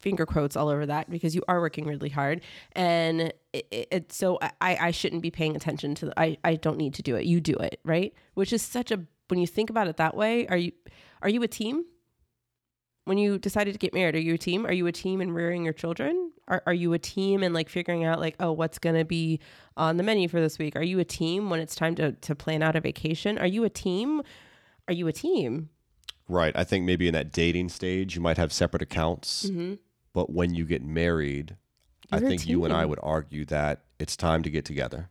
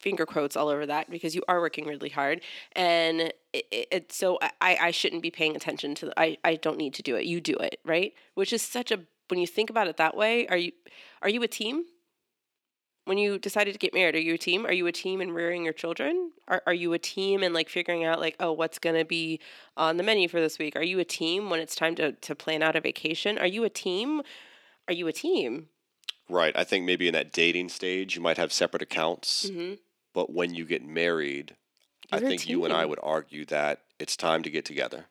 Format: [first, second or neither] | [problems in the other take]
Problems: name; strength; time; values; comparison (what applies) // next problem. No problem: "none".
first | thin; somewhat; fading below 300 Hz